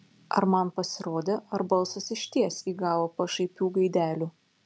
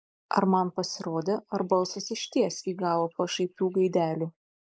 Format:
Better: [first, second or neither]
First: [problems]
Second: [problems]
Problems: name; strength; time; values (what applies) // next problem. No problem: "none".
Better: first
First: none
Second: noise reduction (neural mask model Resemble Enhance denoiser)